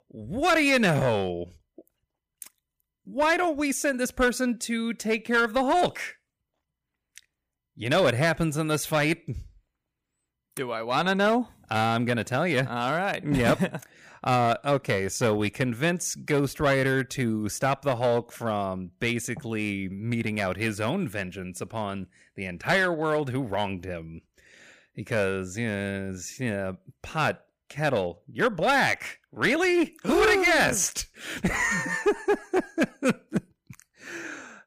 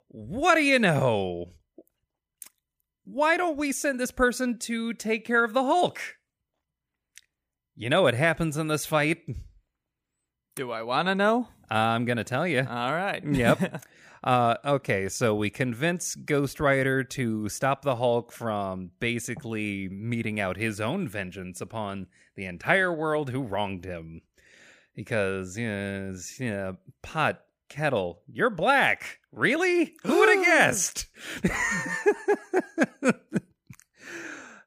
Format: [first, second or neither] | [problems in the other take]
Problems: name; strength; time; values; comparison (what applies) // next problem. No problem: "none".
second | distortion; slight; 4% of the sound clipped